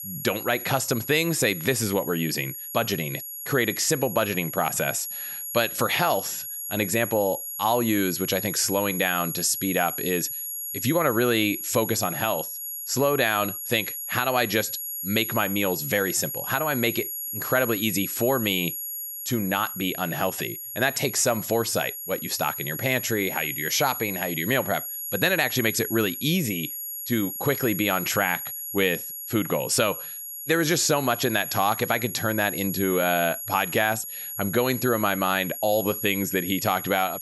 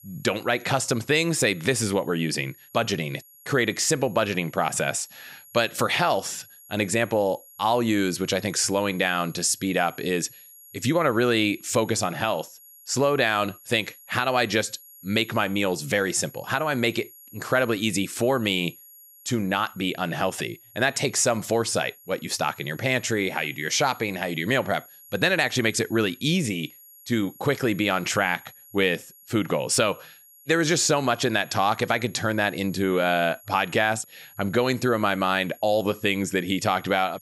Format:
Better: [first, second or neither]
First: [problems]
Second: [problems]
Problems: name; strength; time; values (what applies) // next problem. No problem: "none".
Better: second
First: high-pitched whine; loud; throughout; 11.5 kHz, 6 dB below the speech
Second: high-pitched whine; faint; throughout; 11.5 kHz, 25 dB below the speech